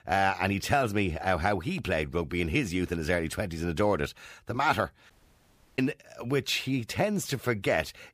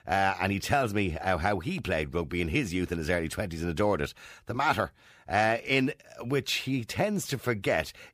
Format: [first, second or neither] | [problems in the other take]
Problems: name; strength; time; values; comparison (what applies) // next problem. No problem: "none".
second | audio cutting out; at 5 s for 0.5 s